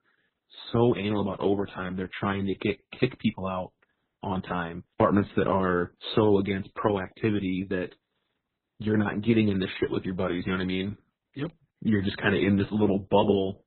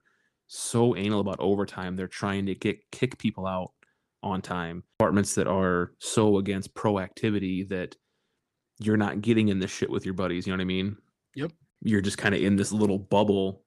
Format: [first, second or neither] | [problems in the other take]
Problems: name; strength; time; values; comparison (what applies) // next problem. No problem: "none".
second | garbled, watery; badly; nothing above 4 kHz